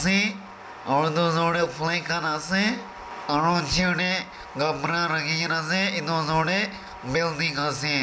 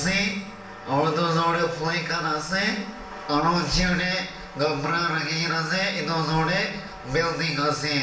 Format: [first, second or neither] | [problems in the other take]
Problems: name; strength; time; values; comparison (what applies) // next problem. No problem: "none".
first | room echo; dies away in 0.8 s